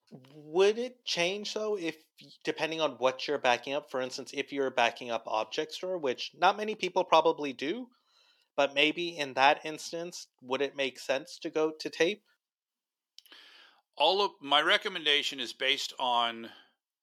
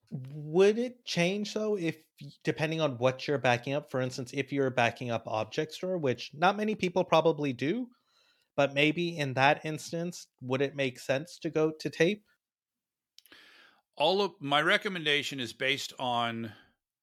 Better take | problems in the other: second | thin; somewhat; fading below 350 Hz

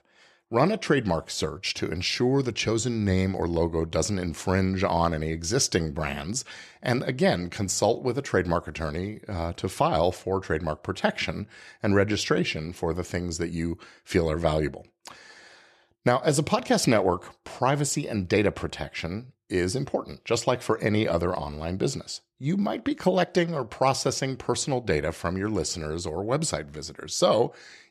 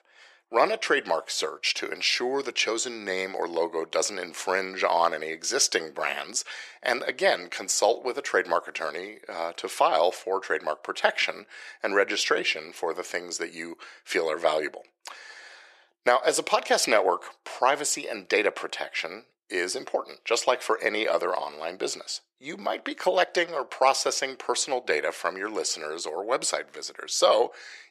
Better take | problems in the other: first | thin; very; fading below 450 Hz

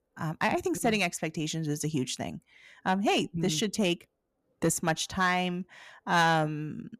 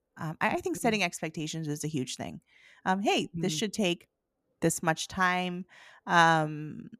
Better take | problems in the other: second | distortion; slight; 10 dB below the speech

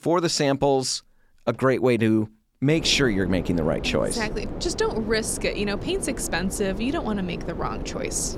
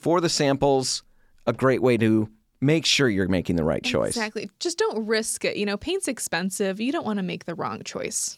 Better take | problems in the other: second | wind noise on the microphone; occasional gusts; from 3 s on; 15 dB below the speech

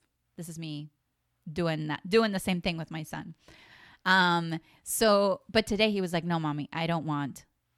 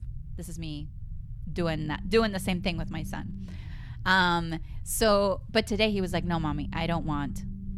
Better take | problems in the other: first | low rumble; faint; throughout; 25 dB below the speech

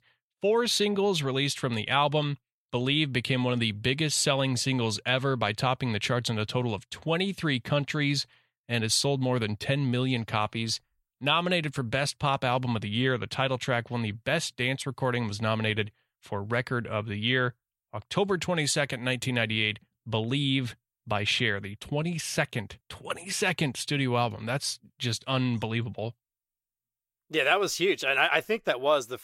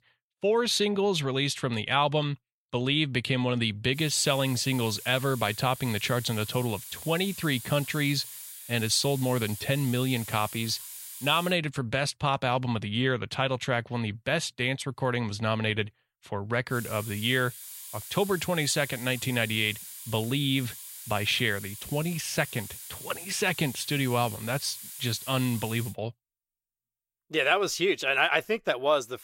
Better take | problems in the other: first | hiss; noticeable; from 4 to 12 s and from 17 to 26 s; 10 dB below the speech

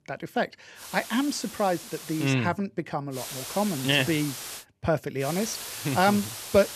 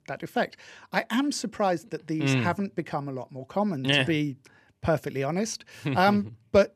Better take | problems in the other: second | hiss; loud; from 1 to 2.5 s, from 3 to 4.5 s and from 5 s on; 9 dB below the speech

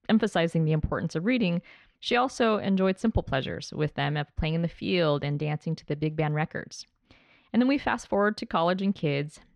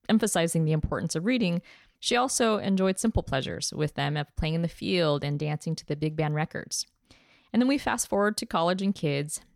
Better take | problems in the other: second | muffled; slightly; fading above 3 kHz

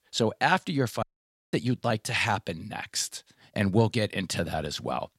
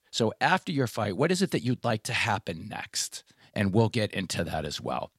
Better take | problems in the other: second | audio cutting out; at 1 s for 0.5 s

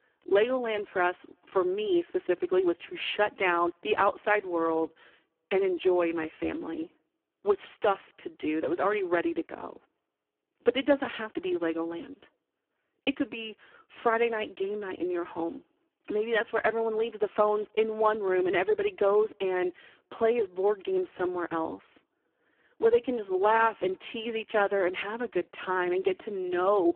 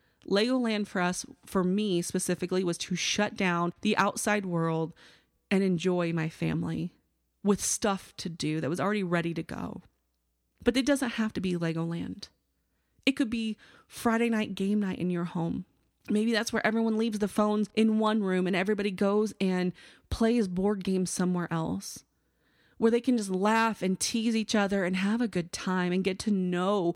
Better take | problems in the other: second | phone-call audio; poor line

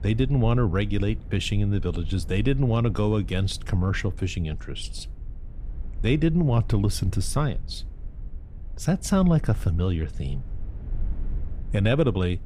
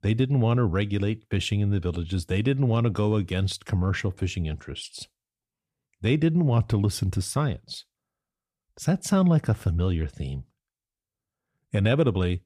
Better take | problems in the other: second | low rumble; faint; throughout; 25 dB below the speech

